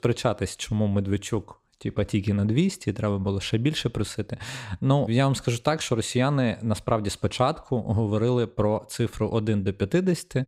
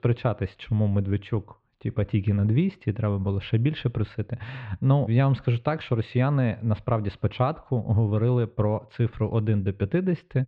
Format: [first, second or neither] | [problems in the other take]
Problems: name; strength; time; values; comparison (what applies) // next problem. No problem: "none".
first | muffled; very; fading above 3 kHz